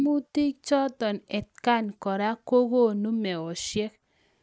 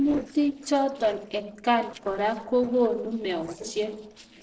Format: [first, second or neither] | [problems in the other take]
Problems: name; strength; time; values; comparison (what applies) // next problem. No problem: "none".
first | noise reduction (neural separator model SepFormer DNS4)